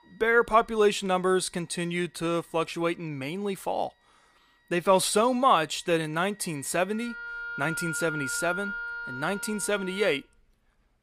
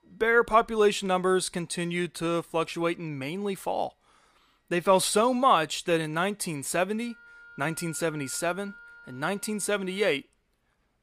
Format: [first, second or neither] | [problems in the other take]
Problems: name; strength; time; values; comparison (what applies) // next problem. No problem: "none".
second | background music; loud; throughout; 8 dB below the speech; faint in the second